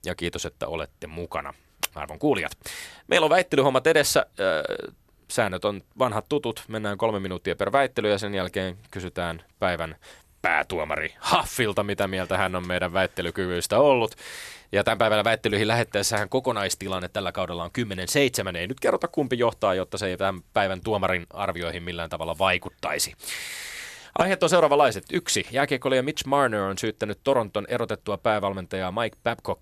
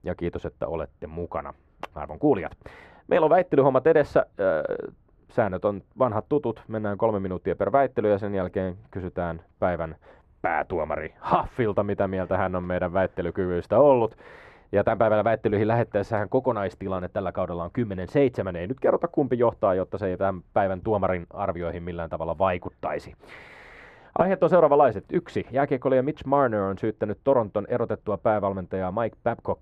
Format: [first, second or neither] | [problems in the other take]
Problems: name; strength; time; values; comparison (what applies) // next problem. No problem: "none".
first | muffled; very; fading above 3 kHz